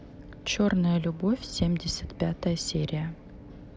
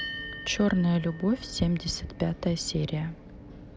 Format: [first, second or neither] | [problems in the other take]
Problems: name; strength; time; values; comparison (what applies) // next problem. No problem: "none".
first | background sound (Bell); 16 dB below the speech